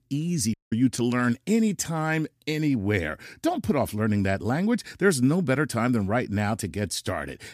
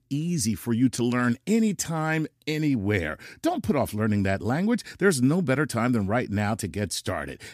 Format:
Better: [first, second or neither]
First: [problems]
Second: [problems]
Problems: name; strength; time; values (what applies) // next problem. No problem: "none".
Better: second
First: audio cutting out; at 0.5 s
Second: none